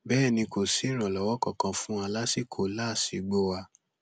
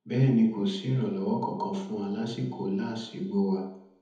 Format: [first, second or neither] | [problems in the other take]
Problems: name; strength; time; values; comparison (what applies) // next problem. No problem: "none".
first | room echo; dies away in 1 s